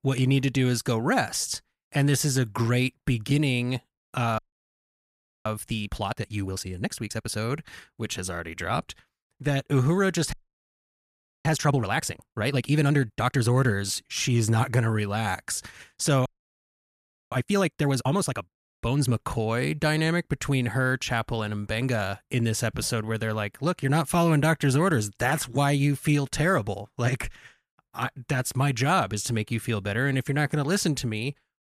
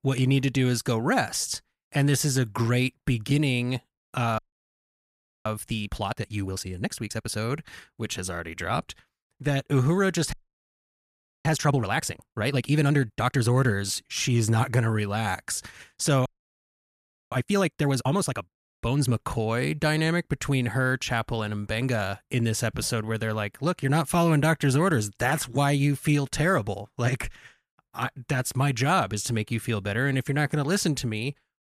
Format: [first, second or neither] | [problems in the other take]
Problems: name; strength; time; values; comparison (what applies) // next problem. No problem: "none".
neither | audio freezing; at 4.5 s for 1 s, at 10 s for 1 s and at 16 s for 1 s; the same in both